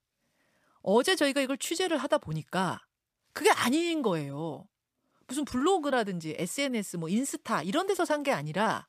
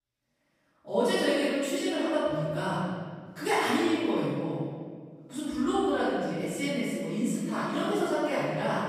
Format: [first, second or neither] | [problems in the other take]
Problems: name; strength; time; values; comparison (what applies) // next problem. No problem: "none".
first | off-mic speech; far // room echo; strong; dies away in 1.8 s